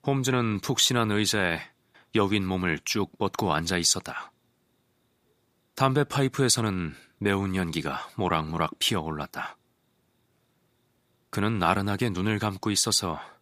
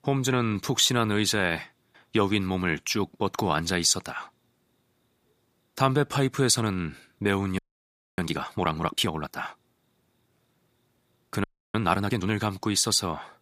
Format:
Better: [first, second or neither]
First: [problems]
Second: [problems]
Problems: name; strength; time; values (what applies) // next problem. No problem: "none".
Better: first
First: none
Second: audio freezing; at 7.5 s for 0.5 s and at 11 s